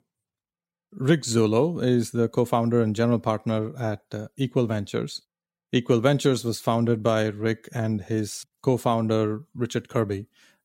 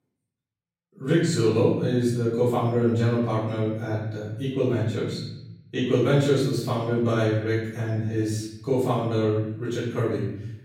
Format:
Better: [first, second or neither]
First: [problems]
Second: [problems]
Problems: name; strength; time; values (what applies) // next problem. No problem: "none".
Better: first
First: none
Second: room echo; noticeable; dies away in 0.9 s // off-mic speech; far